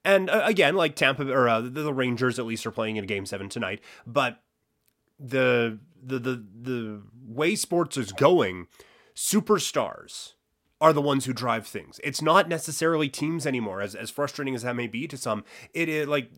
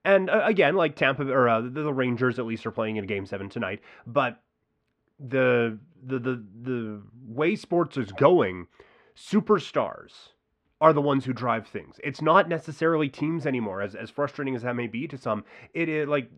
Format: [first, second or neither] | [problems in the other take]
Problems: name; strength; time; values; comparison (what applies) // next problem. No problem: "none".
first | muffled; very; fading above 2.5 kHz